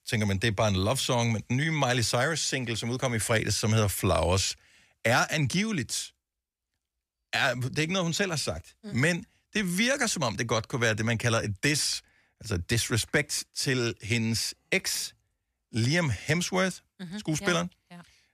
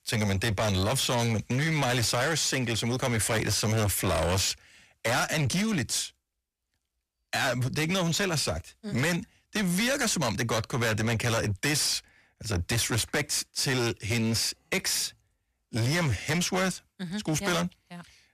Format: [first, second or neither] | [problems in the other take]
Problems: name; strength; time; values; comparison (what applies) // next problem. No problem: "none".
first | distortion; heavy; 22% of the sound clipped